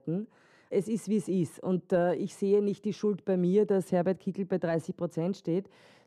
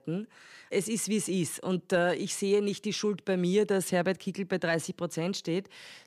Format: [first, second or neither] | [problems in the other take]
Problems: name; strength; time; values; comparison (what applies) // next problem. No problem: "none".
second | muffled; slightly; fading above 1.5 kHz